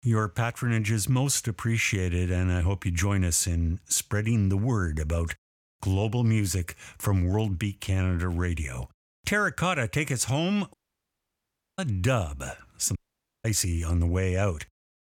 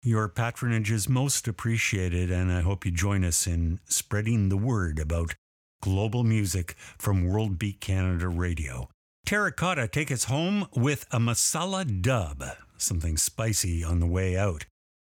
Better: second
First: audio cutting out; at 11 s for 1 s and at 13 s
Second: none

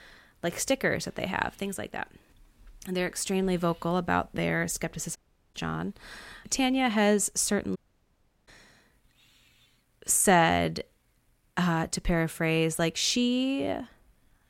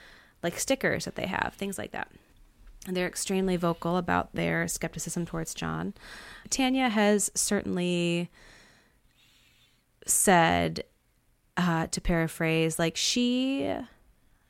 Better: second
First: audio cutting out; at 5 s and at 8 s for 0.5 s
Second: none

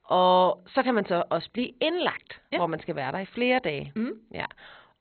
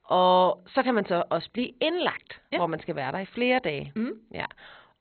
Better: neither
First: garbled, watery; badly; nothing above 4 kHz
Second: garbled, watery; badly; nothing above 4 kHz

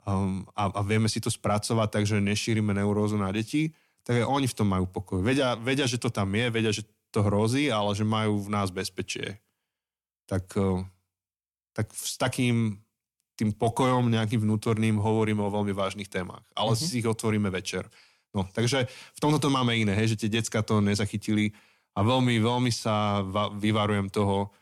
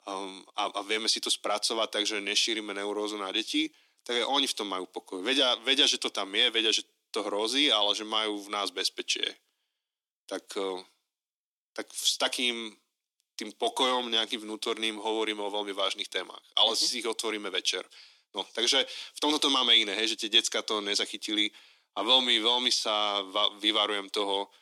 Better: first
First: none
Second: thin; somewhat; fading below 300 Hz

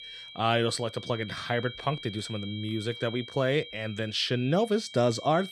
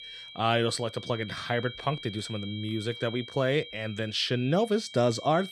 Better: neither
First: high-pitched whine; noticeable; throughout; 3 kHz, 15 dB below the speech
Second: high-pitched whine; noticeable; throughout; 3 kHz, 15 dB below the speech

